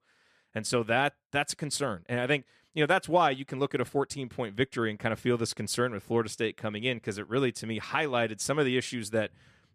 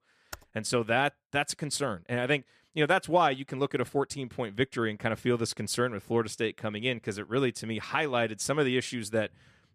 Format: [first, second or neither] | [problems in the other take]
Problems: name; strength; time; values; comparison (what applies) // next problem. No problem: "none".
first | keyboard typing; very faint; at 0.5 s; peak 15 dB below the speech